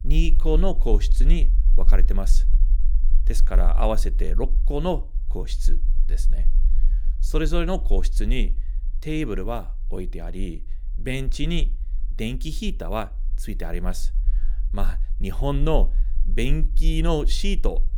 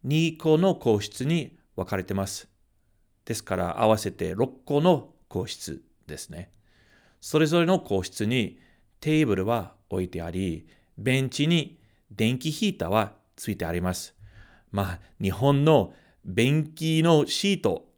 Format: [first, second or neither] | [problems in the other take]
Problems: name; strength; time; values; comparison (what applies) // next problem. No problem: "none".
second | low rumble; faint; throughout; 20 dB below the speech